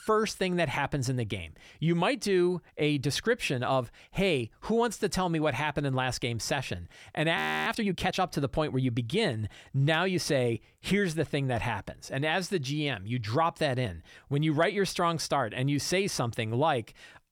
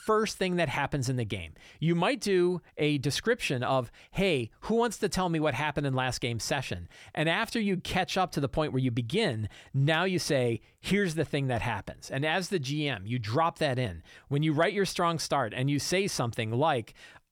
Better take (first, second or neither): second